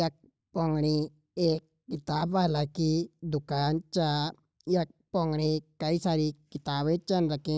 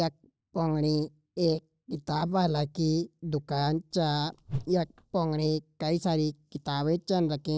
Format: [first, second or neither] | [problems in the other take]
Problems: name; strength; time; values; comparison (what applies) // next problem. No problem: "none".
first | noise reduction (neural separator model SepFormer DNS4)